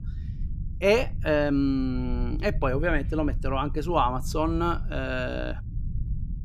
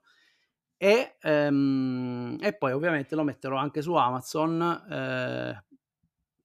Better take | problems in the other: second | low rumble; faint; throughout; 20 dB below the speech

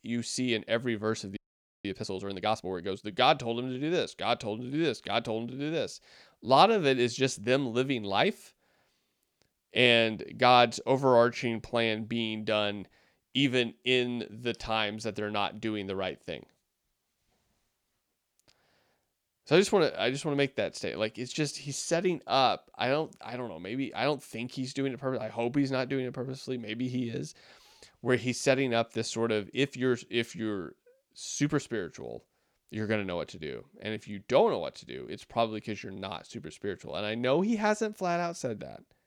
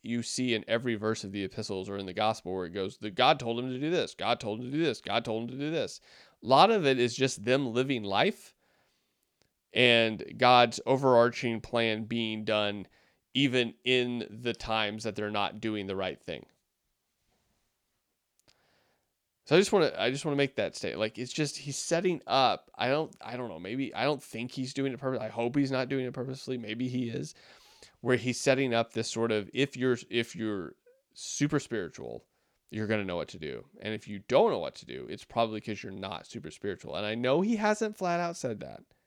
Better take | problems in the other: second | audio freezing; at 1.5 s

